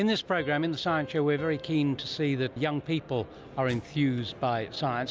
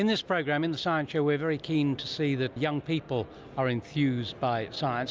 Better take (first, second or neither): second